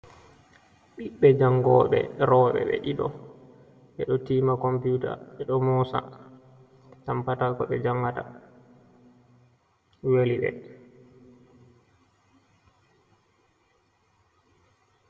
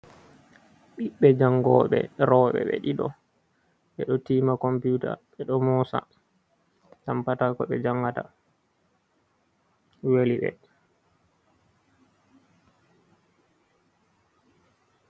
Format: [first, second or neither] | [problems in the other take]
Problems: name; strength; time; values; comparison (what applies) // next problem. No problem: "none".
second | room echo; dies away in 1.7 s